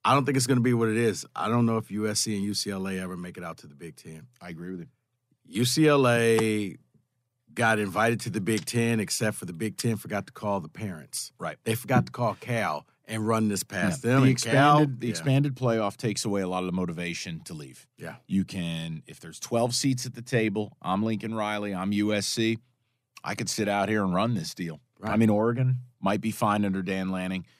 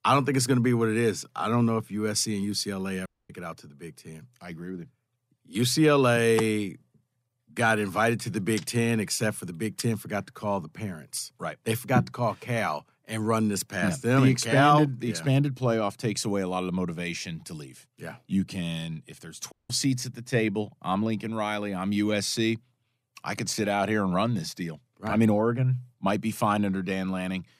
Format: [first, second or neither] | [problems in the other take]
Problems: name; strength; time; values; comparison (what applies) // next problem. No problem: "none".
first | audio cutting out; at 3 s and at 20 s